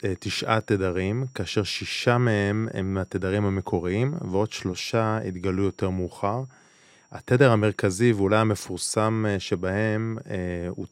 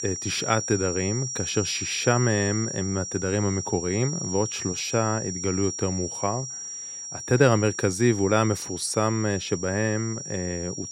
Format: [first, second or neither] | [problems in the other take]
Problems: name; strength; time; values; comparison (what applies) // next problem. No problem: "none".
first | high-pitched whine; loud; throughout; 5.5 kHz, 6 dB below the speech; faint in the first